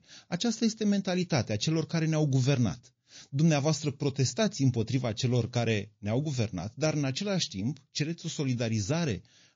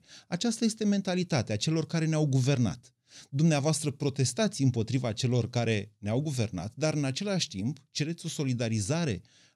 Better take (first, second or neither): second